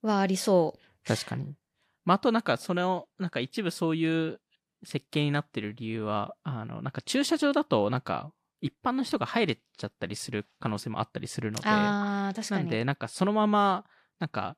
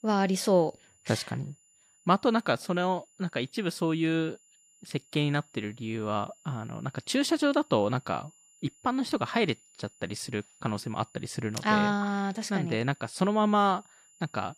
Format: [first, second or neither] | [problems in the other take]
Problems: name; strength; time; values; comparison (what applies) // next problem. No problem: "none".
first | high-pitched whine; faint; throughout; 7 kHz, 30 dB below the speech